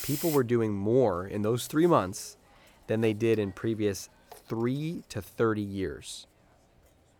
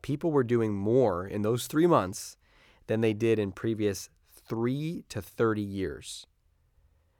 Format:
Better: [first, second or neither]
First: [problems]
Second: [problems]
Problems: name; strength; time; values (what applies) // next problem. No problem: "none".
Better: second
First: hiss; noticeable; throughout; 15 dB below the speech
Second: none